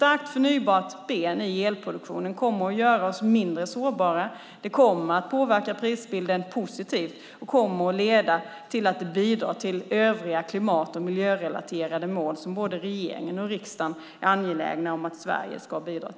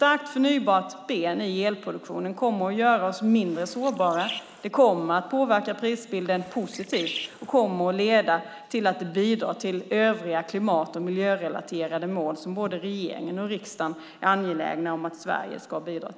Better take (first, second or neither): first